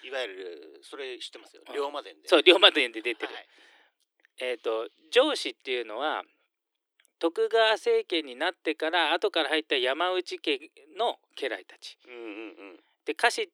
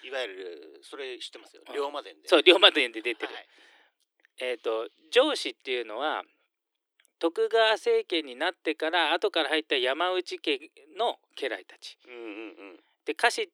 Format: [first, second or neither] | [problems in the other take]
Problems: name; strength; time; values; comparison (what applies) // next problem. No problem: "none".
neither | thin; very; fading below 300 Hz; the same in both